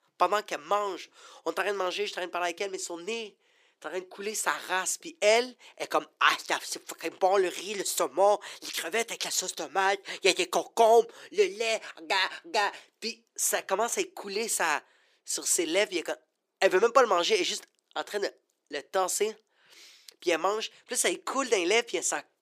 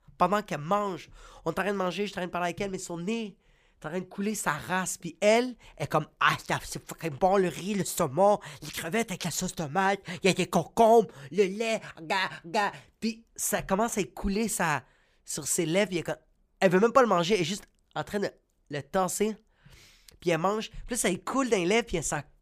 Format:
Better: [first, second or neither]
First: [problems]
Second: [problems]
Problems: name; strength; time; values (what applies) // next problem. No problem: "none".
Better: second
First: thin; somewhat; fading below 350 Hz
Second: none